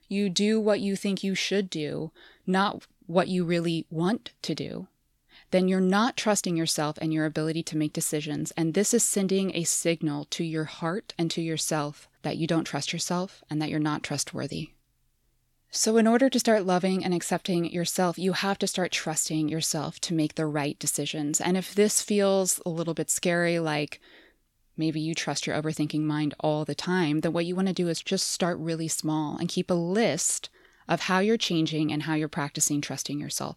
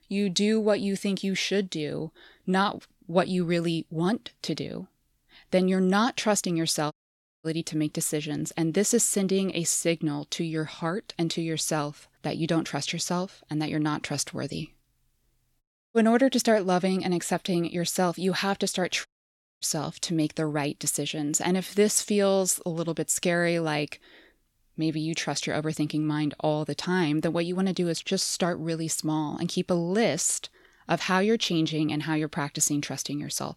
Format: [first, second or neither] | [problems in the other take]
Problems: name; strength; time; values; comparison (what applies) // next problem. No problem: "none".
first | audio cutting out; at 7 s for 0.5 s, at 16 s and at 19 s for 0.5 s